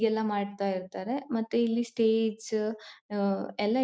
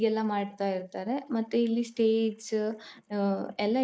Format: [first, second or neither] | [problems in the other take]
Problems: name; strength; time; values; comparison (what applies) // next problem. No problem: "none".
first | noise reduction (neural mask model Resemble Enhance denoiser)